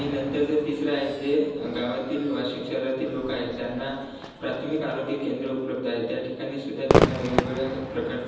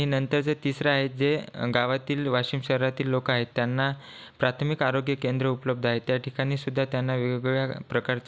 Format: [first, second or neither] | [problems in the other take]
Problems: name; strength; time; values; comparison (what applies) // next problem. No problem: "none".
second | background sound (Crowd / Fireworks); 3 dB below the speech // room echo; dies away in 1.1 s